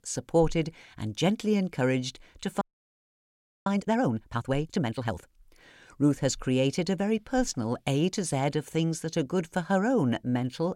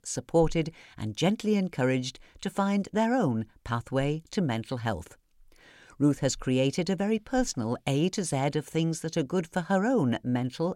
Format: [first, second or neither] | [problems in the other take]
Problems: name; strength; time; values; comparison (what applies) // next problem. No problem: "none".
second | audio freezing; at 2.5 s for 1 s